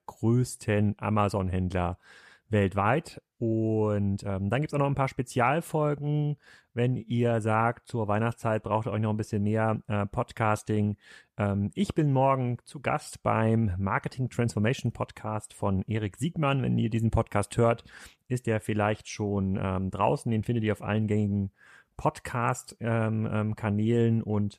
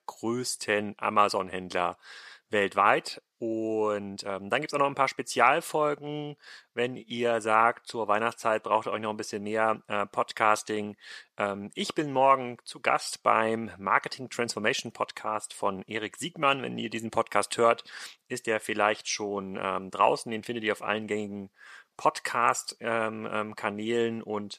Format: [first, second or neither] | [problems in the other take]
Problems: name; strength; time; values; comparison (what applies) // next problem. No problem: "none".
first | thin; somewhat; fading below 400 Hz